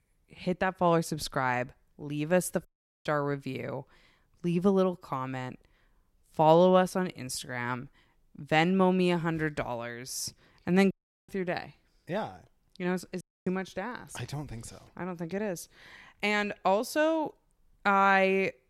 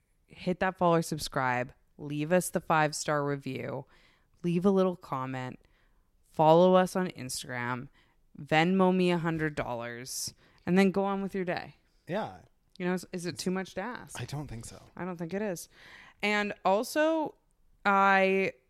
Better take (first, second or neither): second